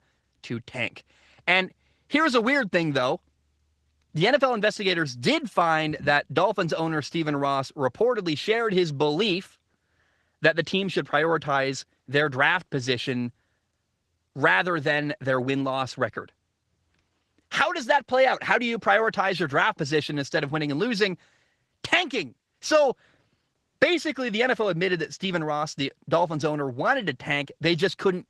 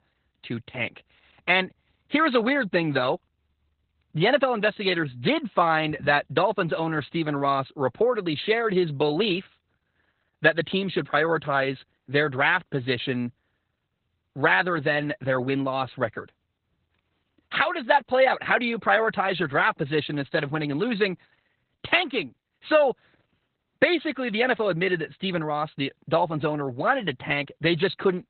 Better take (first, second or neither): first